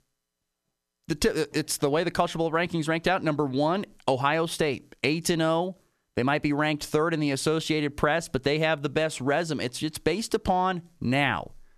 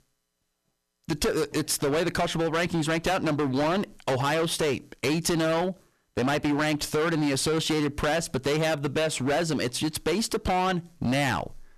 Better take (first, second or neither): first